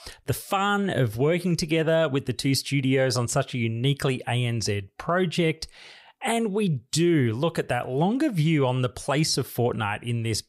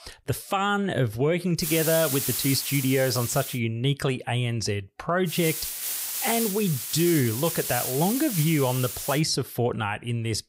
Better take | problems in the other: first | hiss; loud; from 1.5 to 3.5 s and from 5.5 to 9 s; 3 dB below the speech

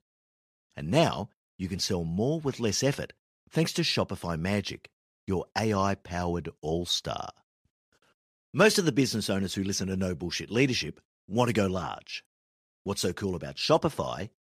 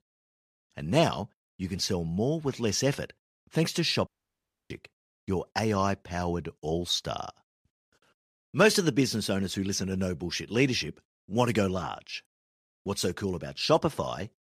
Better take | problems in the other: first | audio cutting out; at 4 s for 0.5 s

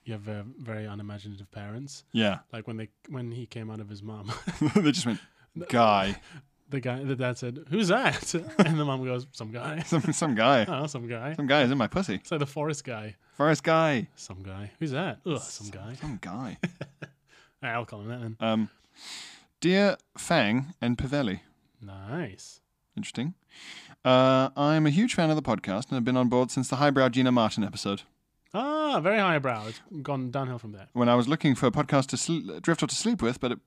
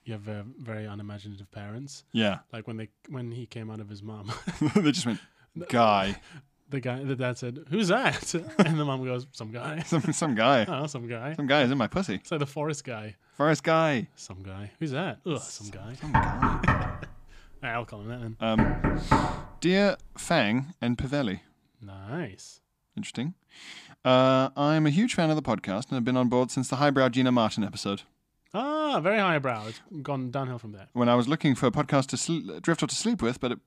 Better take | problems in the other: first | door banging; loud; from 16 to 19 s; peak 3 dB above the speech

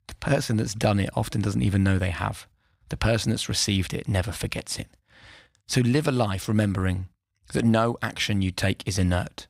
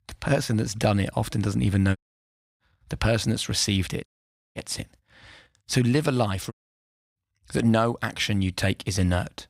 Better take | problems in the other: first | audio cutting out; at 2 s for 0.5 s, at 4 s and at 6.5 s for 0.5 s

